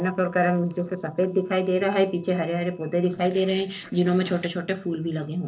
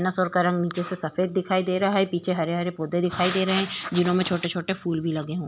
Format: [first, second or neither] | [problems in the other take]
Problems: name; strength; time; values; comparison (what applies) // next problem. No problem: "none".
second | noise reduction (neural separator model SepFormer DNS4)